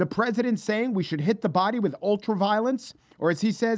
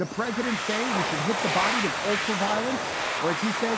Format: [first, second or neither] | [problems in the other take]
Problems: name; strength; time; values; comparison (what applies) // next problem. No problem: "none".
first | background sound (Domestic sounds, home sounds); 1 dB above the speech